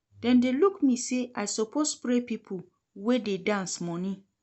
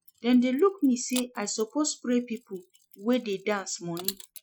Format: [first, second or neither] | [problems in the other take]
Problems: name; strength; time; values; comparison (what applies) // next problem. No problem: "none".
first | noise reduction (classical method Wiener filter)